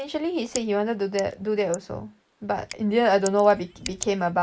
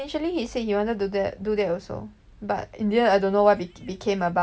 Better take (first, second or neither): second